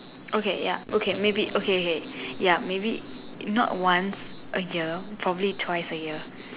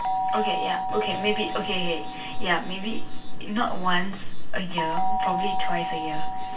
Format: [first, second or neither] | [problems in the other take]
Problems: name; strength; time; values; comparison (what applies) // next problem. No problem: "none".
first | background sound (Doorbell); 6 dB below the speech // room echo; dies away in 0.2 s